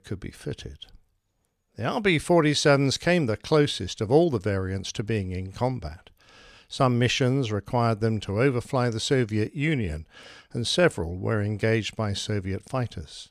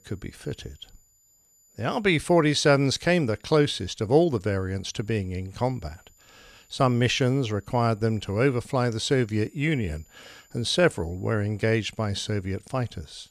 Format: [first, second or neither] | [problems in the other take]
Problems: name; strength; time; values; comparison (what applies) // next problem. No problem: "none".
first | high-pitched whine; faint; throughout; 7 kHz, 35 dB below the speech